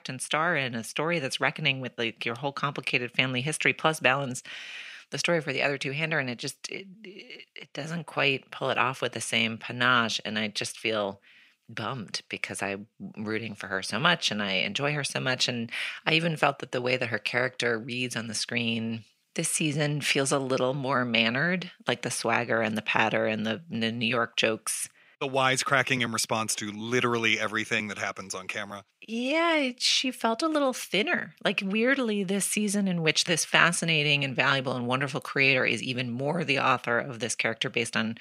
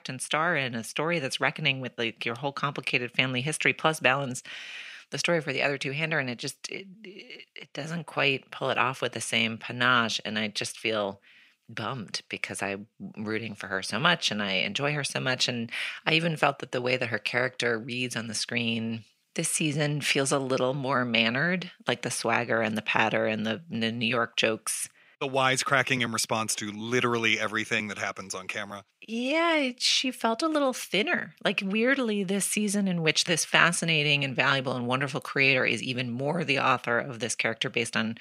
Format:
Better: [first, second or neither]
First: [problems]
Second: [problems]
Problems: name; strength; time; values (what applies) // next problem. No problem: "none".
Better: neither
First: thin; somewhat; fading below 500 Hz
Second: thin; somewhat; fading below 500 Hz